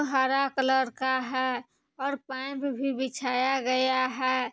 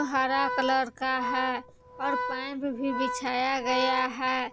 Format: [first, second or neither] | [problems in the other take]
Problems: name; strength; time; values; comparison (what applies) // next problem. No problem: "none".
first | background sound (Organ); 6 dB below the speech